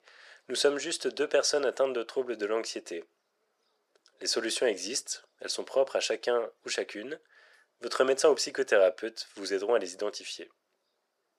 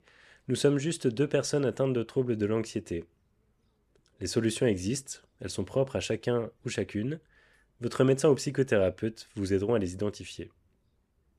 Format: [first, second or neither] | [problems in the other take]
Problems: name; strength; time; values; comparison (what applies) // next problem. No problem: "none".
second | thin; very; fading below 400 Hz